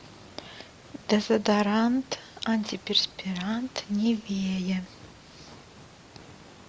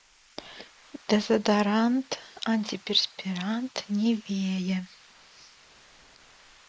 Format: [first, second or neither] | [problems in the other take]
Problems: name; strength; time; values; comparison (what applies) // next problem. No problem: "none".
first | noise reduction (neural mask model Resemble Enhance denoiser)